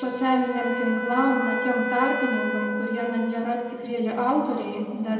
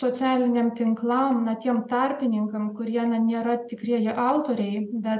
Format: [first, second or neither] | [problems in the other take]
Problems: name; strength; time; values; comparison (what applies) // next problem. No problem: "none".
second | background sound (Wind instrument, woodwind instrument); 6 dB below the speech // room echo; dies away in 2.1 s